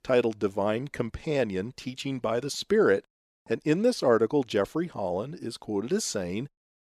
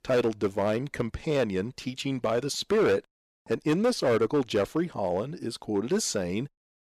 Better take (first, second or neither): first